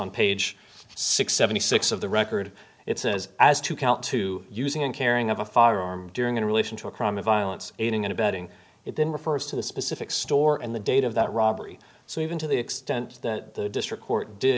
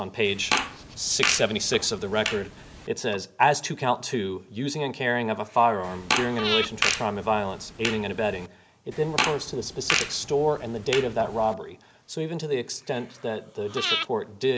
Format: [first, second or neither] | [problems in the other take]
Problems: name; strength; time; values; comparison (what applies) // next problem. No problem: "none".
first | background sound (Breathing + Fart); 4 dB below the speech